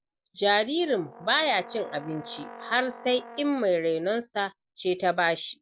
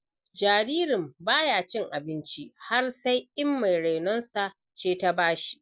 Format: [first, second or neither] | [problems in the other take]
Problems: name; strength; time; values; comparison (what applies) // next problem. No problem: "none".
second | background sound (Brass instrument); 17 dB below the speech